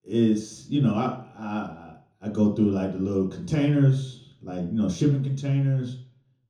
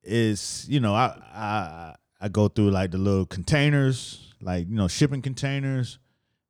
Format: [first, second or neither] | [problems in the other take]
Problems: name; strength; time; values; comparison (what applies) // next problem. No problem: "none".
second | room echo; slight; dies away in 0.6 s // off-mic speech; far